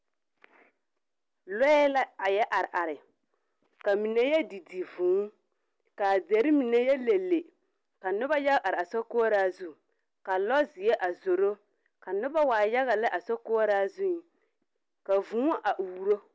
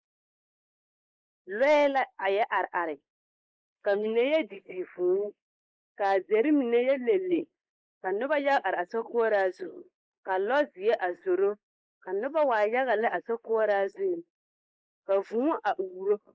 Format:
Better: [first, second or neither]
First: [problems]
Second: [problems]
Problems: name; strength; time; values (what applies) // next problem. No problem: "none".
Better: first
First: none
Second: noise reduction (neural mask model Resemble Enhance denoiser)